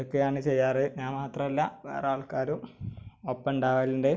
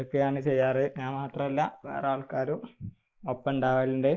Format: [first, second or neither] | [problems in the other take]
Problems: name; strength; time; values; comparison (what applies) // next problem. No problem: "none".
first | noise reduction (neural mask model Resemble Enhance denoiser)